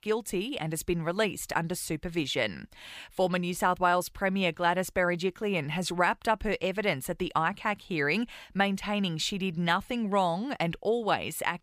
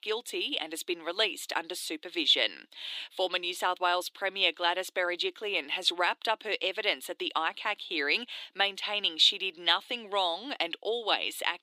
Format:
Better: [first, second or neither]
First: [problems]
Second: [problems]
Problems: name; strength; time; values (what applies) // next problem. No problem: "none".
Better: first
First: none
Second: thin; very; fading below 300 Hz